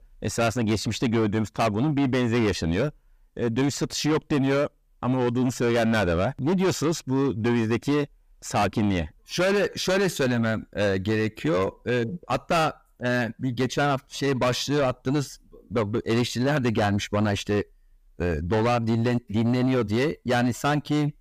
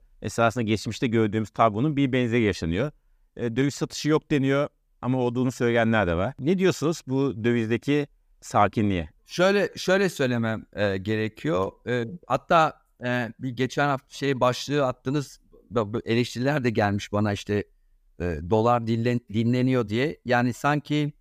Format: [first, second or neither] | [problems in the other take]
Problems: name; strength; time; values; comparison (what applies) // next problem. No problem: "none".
second | distortion; heavy; 7 dB below the speech